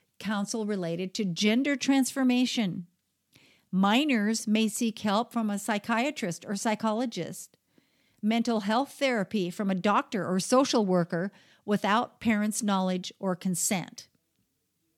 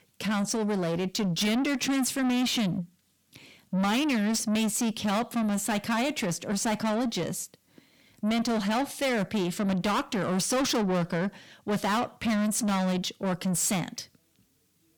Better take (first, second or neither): first